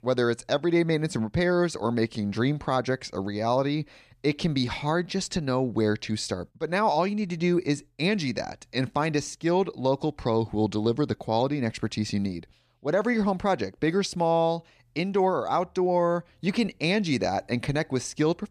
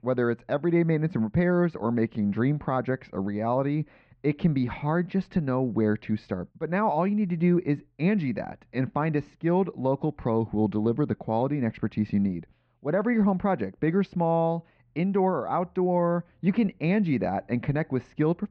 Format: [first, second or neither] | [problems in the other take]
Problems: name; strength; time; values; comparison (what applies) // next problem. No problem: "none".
first | muffled; very; fading above 2 kHz